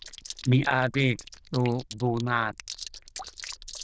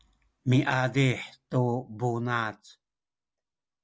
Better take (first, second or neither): second